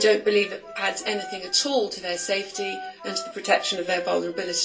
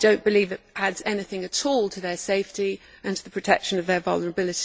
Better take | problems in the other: second | background sound (Wind instrument, woodwind instrument); 13 dB below the speech // room echo; dies away in 0.2 s

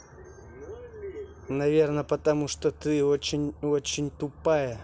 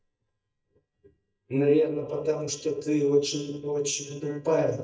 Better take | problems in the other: first | noise reduction (neural mask model DeepFilterNet 3)

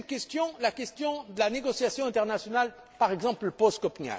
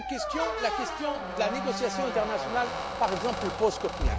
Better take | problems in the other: first | background sound (Squeak); 1 dB below the speech

